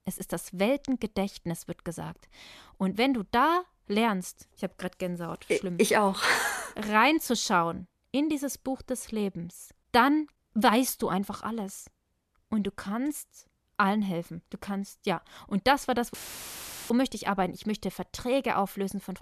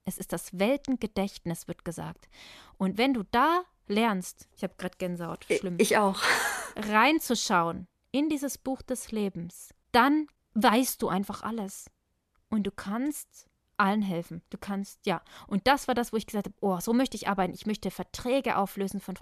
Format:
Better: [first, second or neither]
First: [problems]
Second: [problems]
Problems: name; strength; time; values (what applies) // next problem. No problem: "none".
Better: second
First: audio cutting out; filled with static; at 16 s for 1 s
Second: none